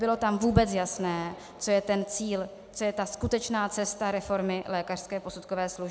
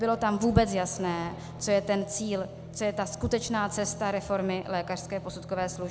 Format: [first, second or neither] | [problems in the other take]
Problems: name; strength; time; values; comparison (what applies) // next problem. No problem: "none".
first | background sound (Guitar); 14 dB below the speech